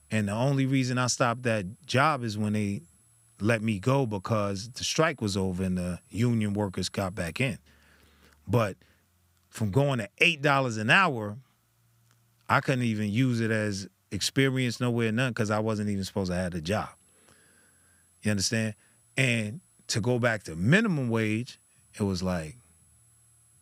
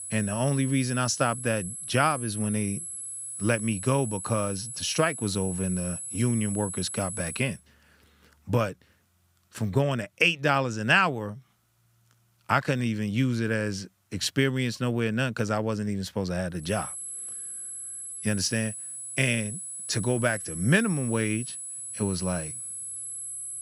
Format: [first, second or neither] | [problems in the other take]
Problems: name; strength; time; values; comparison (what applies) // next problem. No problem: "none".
first | high-pitched whine; loud; until 7.5 s and from 17 s on; 10.5 kHz, 7 dB below the speech; faint in the first